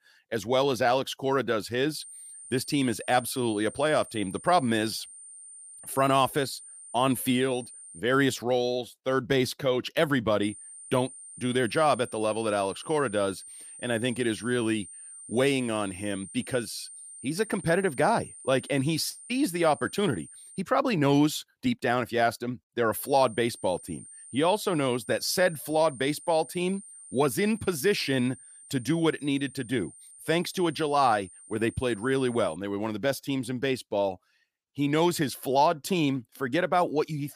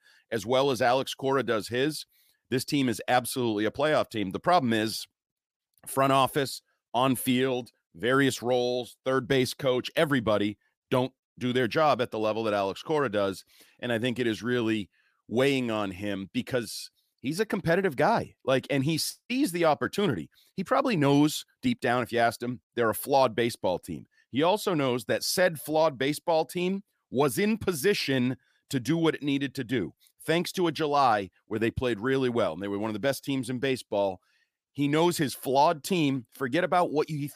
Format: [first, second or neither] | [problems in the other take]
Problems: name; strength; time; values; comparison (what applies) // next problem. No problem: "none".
second | high-pitched whine; noticeable; from 2 to 8 s, from 10 to 21 s and from 23 to 33 s; 9 kHz, 15 dB below the speech